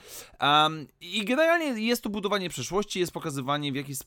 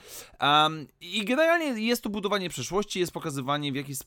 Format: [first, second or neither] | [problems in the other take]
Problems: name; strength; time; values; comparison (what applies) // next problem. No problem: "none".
neither | none